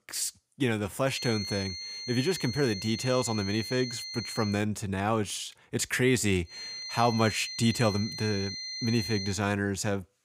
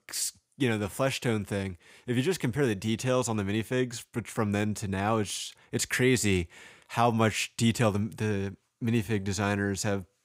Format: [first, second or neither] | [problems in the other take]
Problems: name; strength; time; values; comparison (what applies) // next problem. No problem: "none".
second | high-pitched whine; loud; from 1 to 4.5 s and from 6.5 to 9.5 s; 4.5 kHz, 7 dB below the speech